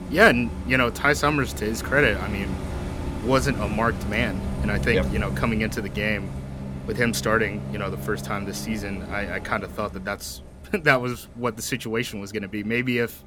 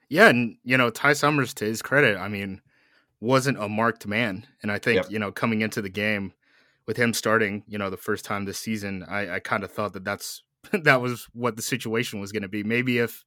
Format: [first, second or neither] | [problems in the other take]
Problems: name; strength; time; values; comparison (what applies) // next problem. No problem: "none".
second | traffic noise; loud; throughout; 8 dB below the speech